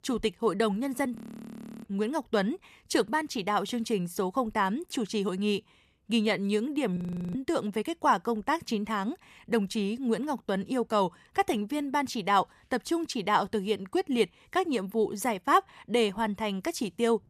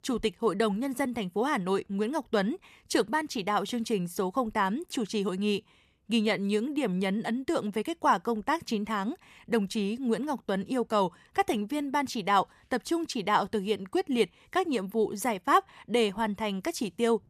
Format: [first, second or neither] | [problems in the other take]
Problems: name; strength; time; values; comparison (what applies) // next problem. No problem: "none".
second | audio freezing; at 1 s for 0.5 s and at 7 s